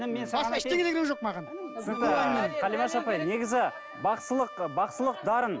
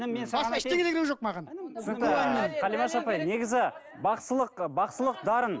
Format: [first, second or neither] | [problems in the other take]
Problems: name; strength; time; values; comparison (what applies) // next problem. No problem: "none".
second | background sound (Wind instrument, woodwind instrument); 14 dB below the speech